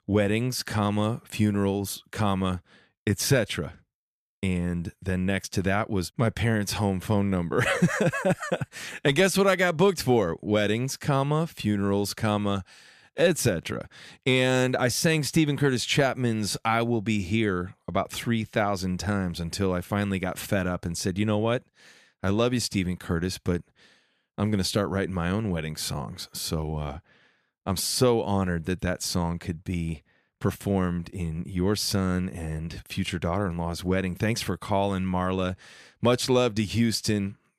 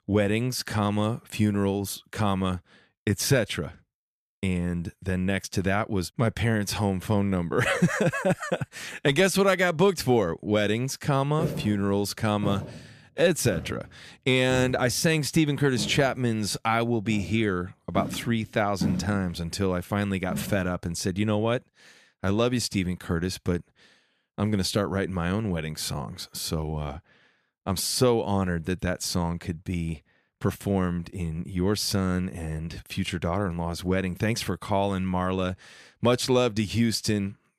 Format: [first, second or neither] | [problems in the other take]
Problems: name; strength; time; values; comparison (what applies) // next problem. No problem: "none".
first | footsteps; noticeable; from 11 to 21 s; peak 3 dB below the speech